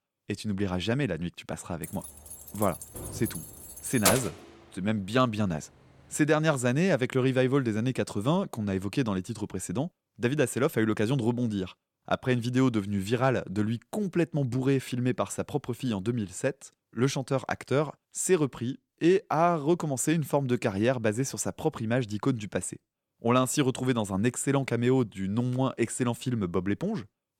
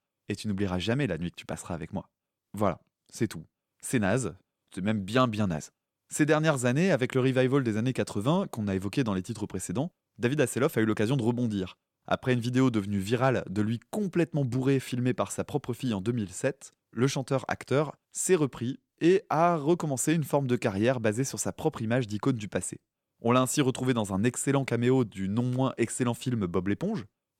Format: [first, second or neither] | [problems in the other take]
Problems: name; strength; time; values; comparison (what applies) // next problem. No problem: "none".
second | jangling keys; loud; from 2 to 4 s; peak 3 dB above the speech